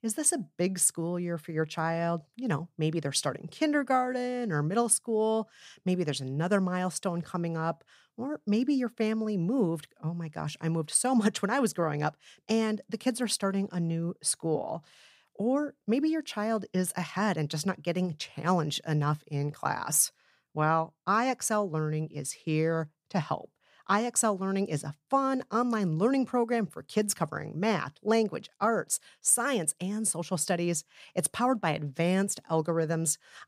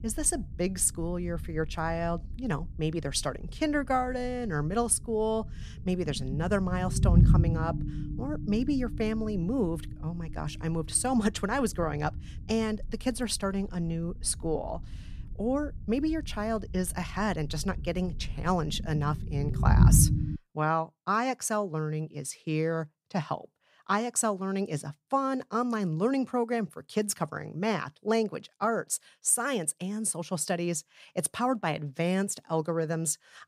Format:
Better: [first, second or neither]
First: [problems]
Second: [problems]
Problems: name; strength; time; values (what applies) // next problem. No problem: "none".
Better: first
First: none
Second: low rumble; noticeable; until 20 s; 10 dB below the speech